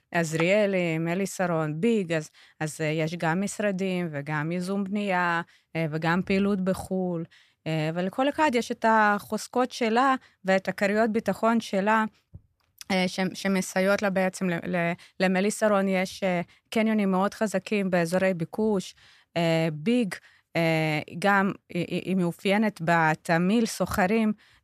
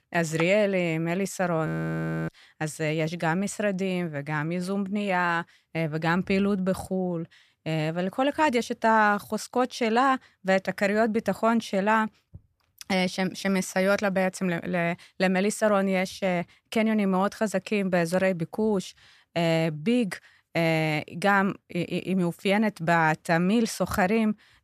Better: first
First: none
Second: audio freezing; at 1.5 s for 0.5 s

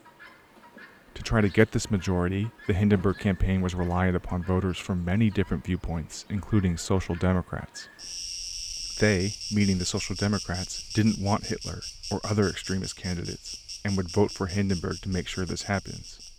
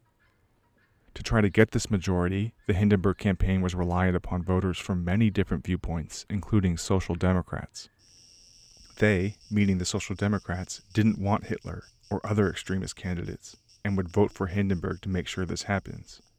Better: second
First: animal sounds; loud; throughout; 9 dB below the speech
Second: animal sounds; faint; throughout; 30 dB below the speech

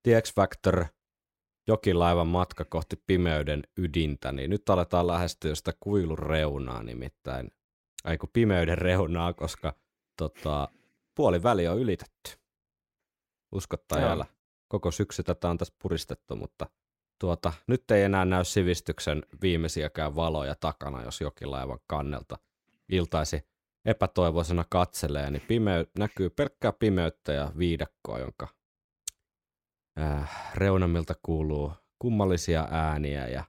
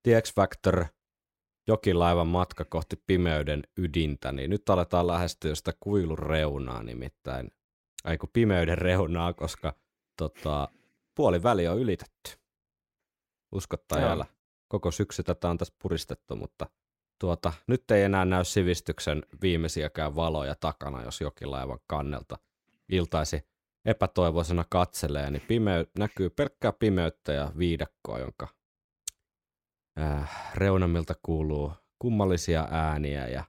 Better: neither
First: none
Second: none

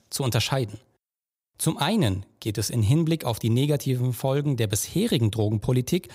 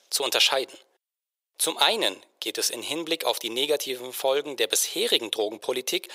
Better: first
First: none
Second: thin; very; fading below 450 Hz

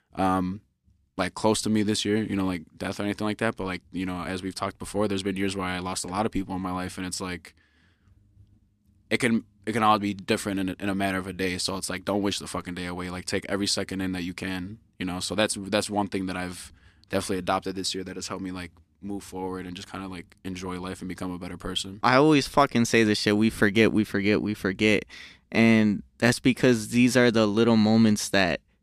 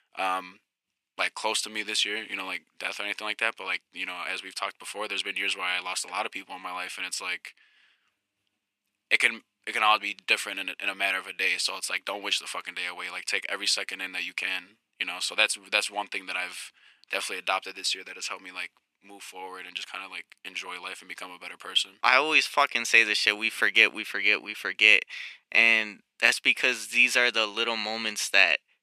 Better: first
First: none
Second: thin; very; fading below 750 Hz

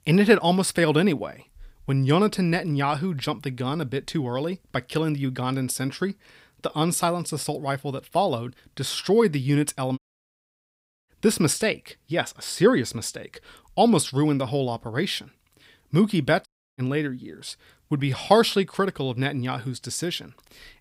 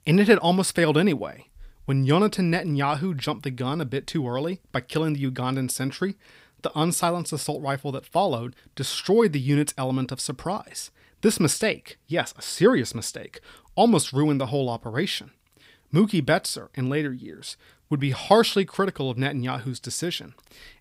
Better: second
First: audio cutting out; at 10 s for 1 s and at 16 s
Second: none

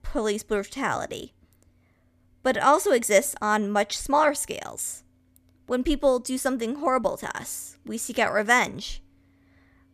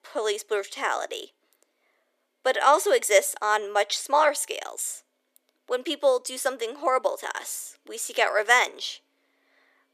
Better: first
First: none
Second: thin; very; fading below 350 Hz

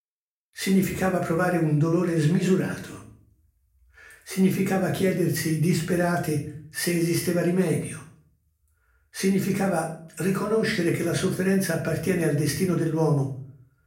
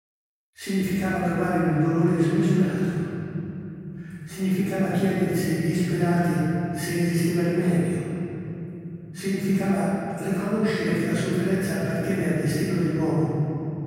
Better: first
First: room echo; slight; dies away in 0.4 s // off-mic speech; far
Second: room echo; strong; dies away in 3 s // off-mic speech; far

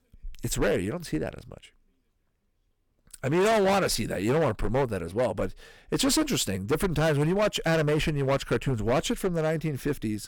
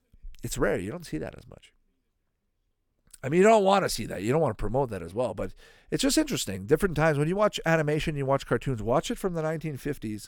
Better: second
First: distortion; heavy; 11% of the sound clipped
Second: none

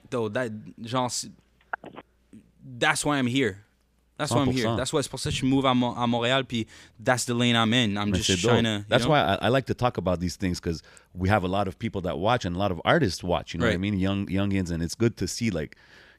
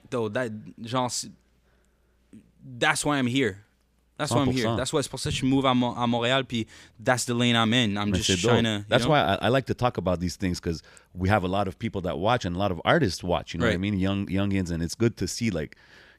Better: second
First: phone ringing; faint; at 1.5 s; peak 10 dB below the speech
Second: none

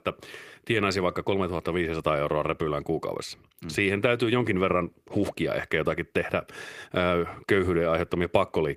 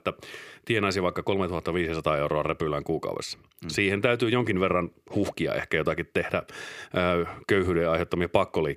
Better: second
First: garbled, watery; slightly; nothing above 15 kHz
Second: none

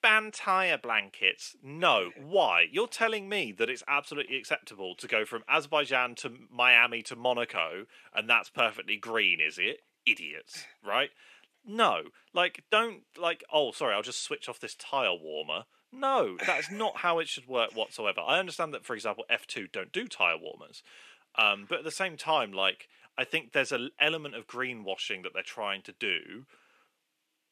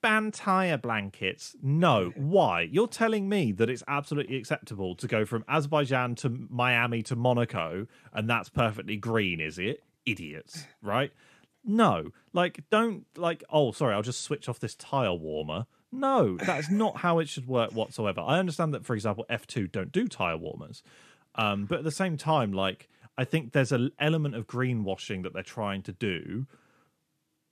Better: second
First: thin; somewhat; fading below 450 Hz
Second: none

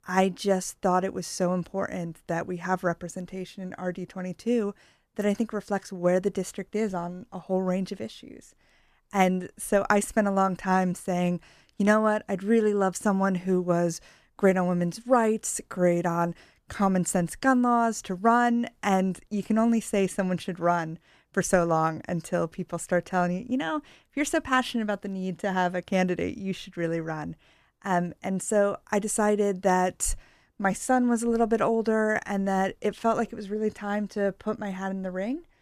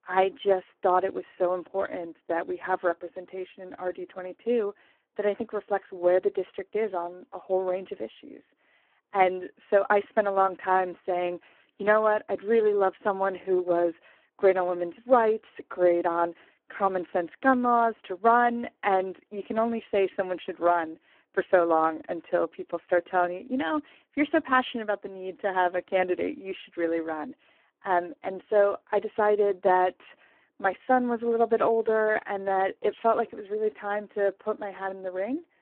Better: first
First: none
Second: phone-call audio; poor line

